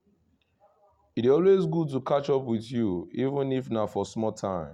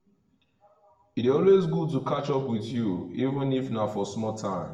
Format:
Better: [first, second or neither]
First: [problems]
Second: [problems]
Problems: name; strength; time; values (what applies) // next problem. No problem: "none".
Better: first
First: none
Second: room echo; dies away in 0.7 s